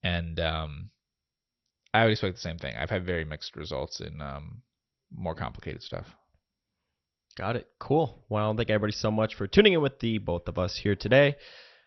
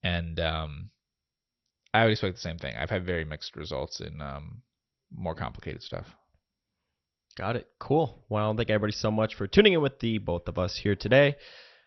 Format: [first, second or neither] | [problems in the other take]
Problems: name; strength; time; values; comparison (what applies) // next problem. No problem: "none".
neither | garbled, watery; slightly; nothing above 6 kHz; the same in both